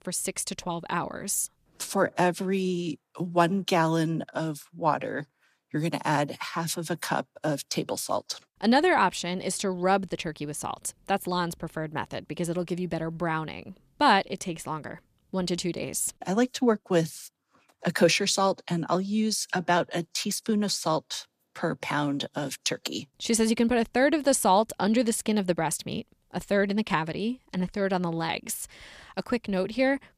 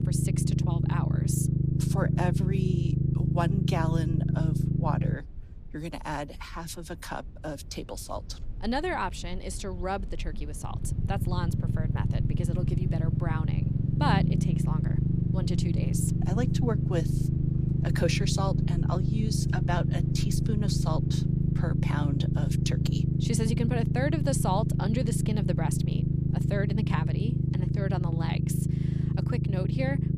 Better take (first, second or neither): first